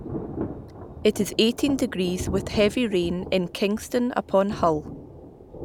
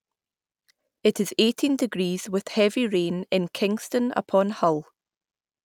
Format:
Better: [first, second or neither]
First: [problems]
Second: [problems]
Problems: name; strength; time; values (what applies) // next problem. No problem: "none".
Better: second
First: background sound (Thunder / Rain); 11 dB below the speech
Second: none